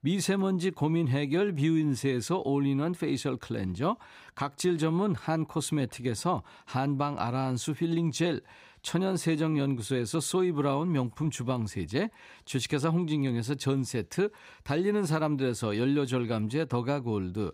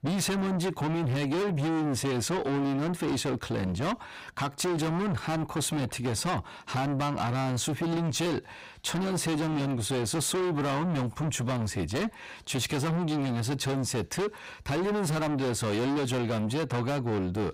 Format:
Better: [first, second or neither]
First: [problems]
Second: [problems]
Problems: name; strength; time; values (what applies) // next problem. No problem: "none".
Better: first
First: none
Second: distortion; heavy; 6 dB below the speech